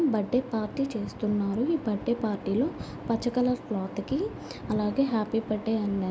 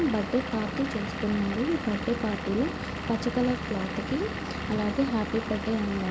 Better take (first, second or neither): first